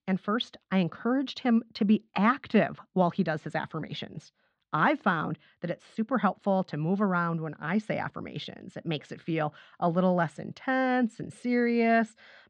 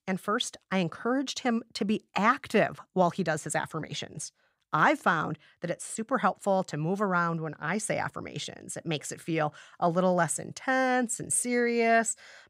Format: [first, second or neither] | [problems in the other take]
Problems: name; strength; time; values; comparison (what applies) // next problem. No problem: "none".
second | muffled; slightly; fading above 4 kHz